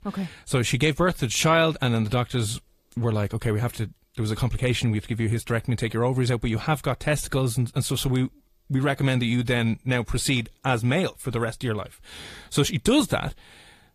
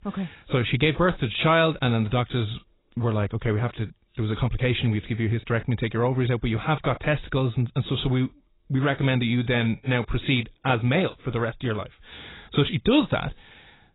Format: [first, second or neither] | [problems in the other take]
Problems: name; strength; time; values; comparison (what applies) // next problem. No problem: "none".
first | garbled, watery; badly; nothing above 4 kHz; slightly in the first